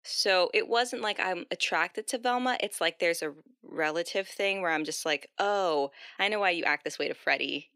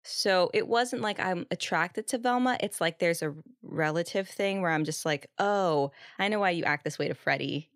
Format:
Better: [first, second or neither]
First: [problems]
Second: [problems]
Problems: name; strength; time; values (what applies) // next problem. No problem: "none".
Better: second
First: thin; very slightly; fading below 300 Hz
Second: none